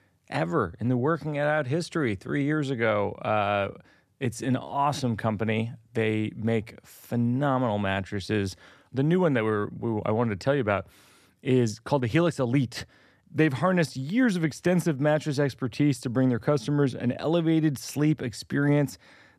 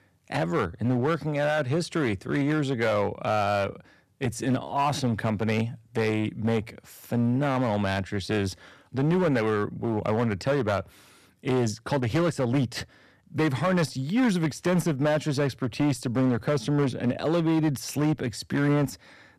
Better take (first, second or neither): first